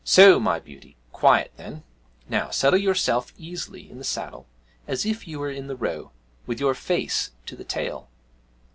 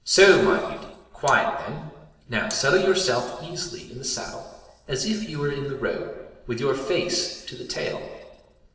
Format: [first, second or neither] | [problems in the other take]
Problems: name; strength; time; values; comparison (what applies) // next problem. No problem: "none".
first | noise reduction (neural separator model SepFormer DNS4)